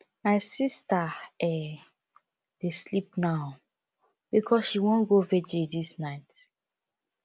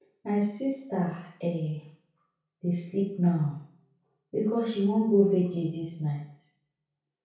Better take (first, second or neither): first